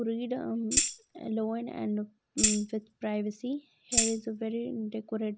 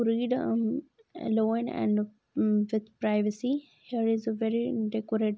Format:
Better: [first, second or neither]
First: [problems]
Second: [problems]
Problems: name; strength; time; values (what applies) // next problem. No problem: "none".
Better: second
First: background sound (Tambourine); 3 dB above the speech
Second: none